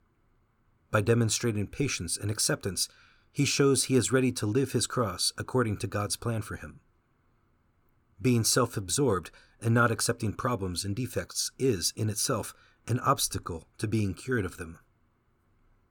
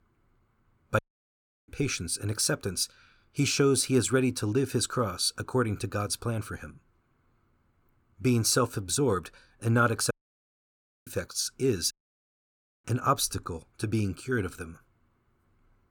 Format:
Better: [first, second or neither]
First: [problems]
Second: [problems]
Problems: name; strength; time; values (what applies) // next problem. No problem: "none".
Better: first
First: none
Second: audio cutting out; at 1 s for 0.5 s, at 10 s for 1 s and at 12 s for 1 s